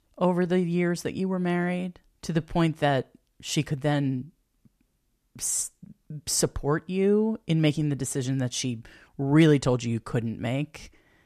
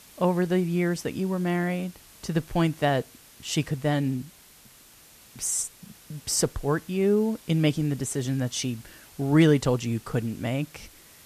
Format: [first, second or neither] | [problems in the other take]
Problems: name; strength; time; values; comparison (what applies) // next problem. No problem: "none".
first | hiss; faint; throughout; 25 dB below the speech